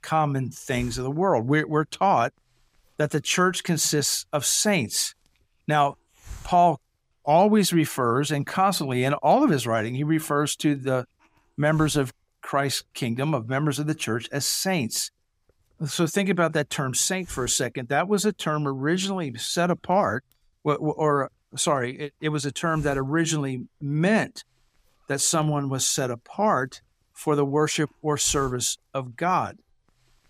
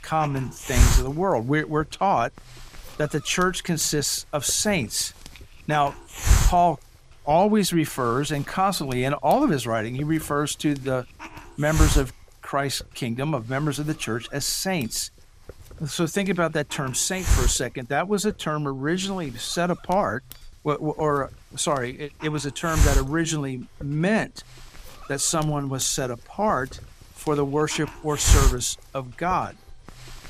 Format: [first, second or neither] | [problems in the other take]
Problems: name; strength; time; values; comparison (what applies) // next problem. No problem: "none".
first | hiss; loud; throughout; 1 dB below the speech; faint in the first